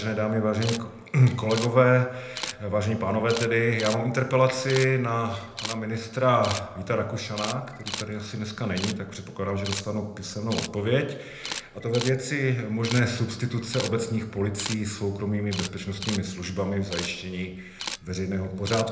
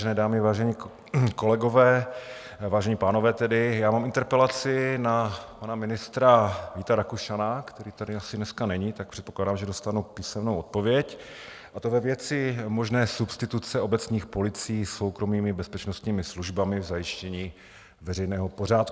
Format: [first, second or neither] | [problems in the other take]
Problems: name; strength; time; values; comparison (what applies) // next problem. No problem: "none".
second | background sound (Camera); 13 dB below the speech // room echo; dies away in 0.7 s